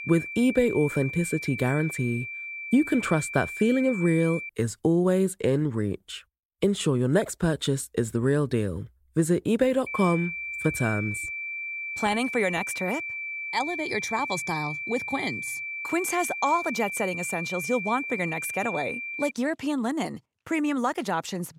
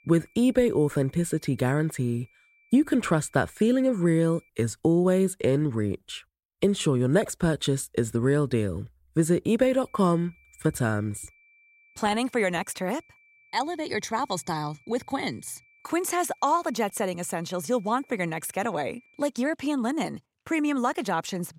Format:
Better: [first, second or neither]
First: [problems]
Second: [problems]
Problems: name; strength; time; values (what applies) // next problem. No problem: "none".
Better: second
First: high-pitched whine; loud; until 4.5 s and from 10 to 19 s; 2.5 kHz, 6 dB below the speech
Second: high-pitched whine; faint; until 4.5 s and from 10 to 19 s; 2.5 kHz, 30 dB below the speech